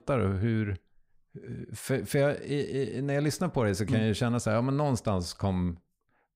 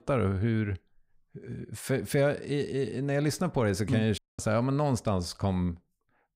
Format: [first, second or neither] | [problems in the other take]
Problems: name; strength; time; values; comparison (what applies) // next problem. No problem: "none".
first | audio cutting out; at 4 s